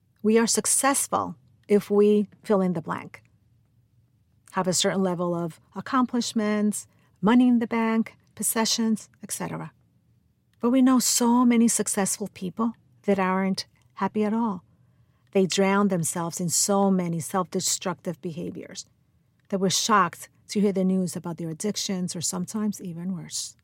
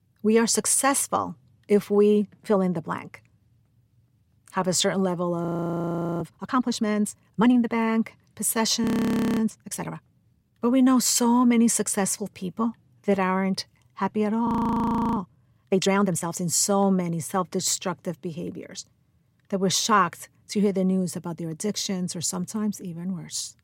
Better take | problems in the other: first | audio freezing; at 5.5 s for 1 s, at 9 s for 0.5 s and at 14 s for 0.5 s

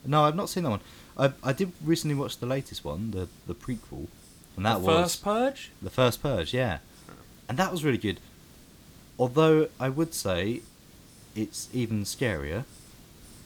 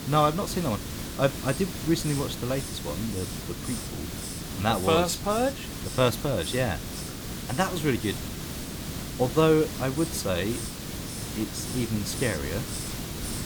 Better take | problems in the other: first | hiss; loud; throughout; 7 dB below the speech; faint in the first

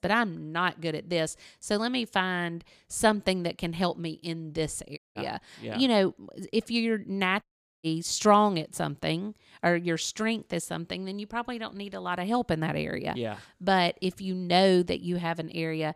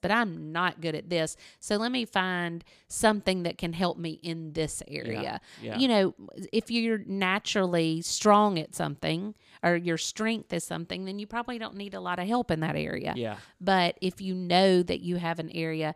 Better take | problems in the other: second | audio cutting out; at 5 s and at 7.5 s

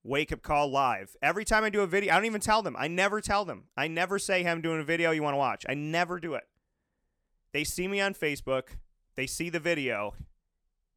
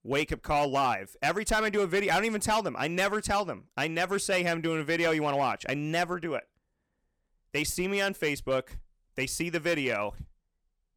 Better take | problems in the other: first | distortion; slight; 5% of the sound clipped

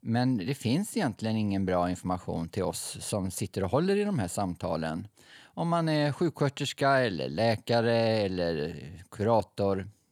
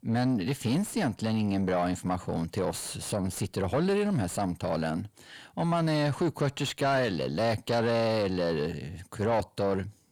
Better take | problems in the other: first | distortion; slight; 10 dB below the speech

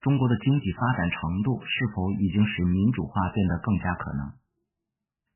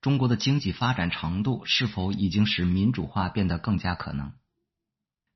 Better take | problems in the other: second | garbled, watery; badly; nothing above 3 kHz; slightly in the second

